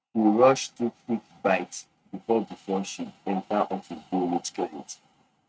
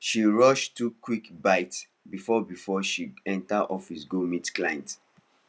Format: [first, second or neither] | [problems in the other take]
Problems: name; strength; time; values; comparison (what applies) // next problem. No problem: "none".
second | noise reduction (neural mask model RNNoise)